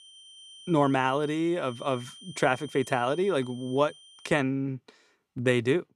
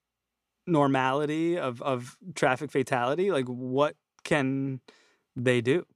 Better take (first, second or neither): second